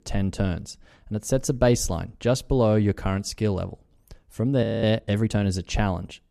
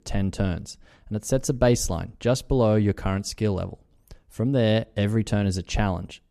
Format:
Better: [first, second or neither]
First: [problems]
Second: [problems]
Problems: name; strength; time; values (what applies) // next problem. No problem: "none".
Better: second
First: audio freezing; at 4.5 s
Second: none